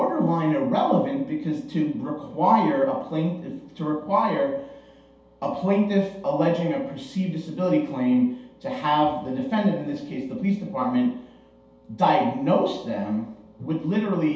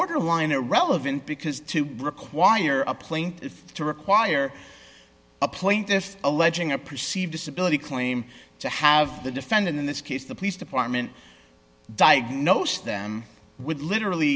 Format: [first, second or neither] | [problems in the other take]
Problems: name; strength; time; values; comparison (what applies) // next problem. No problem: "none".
second | room echo; dies away in 0.8 s